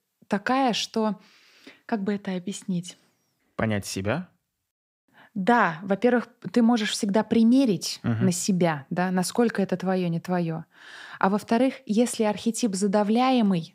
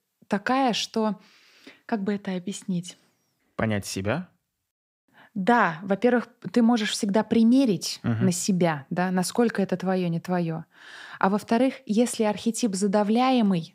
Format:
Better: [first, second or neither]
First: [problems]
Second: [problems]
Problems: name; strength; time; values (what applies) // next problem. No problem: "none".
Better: neither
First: none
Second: none